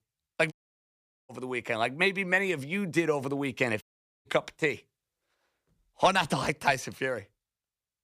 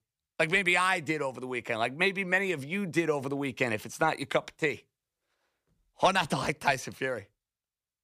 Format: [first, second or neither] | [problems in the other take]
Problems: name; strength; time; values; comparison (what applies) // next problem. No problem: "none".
second | audio cutting out; at 0.5 s for 1 s and at 4 s